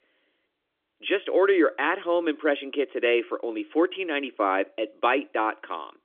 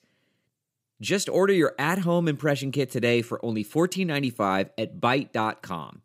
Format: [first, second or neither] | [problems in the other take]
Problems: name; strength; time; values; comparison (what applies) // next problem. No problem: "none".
second | phone-call audio; nothing above 3.5 kHz